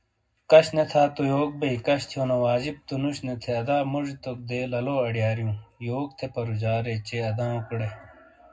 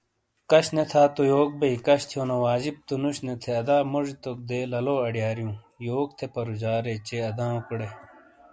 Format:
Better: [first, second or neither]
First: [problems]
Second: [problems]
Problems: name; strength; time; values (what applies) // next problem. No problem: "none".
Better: second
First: room echo; dies away in 0.3 s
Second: none